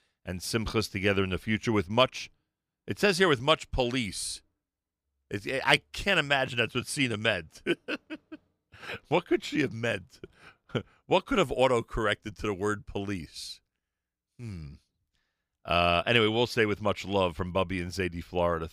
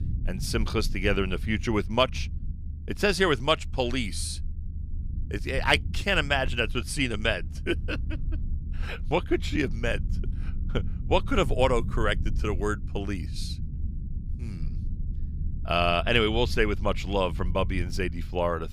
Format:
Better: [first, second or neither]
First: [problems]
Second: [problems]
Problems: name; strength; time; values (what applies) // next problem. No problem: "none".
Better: first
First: none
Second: low rumble; faint; throughout; 25 dB below the speech